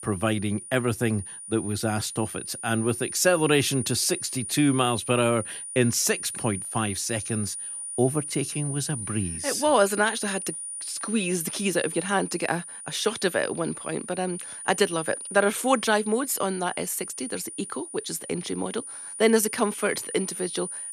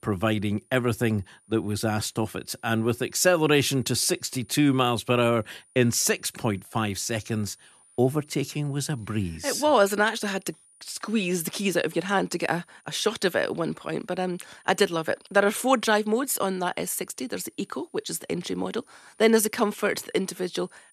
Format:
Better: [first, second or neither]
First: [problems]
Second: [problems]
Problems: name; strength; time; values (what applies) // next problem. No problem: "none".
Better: second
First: high-pitched whine; loud; throughout; 9.5 kHz, 8 dB below the speech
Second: high-pitched whine; faint; throughout; 9.5 kHz, 30 dB below the speech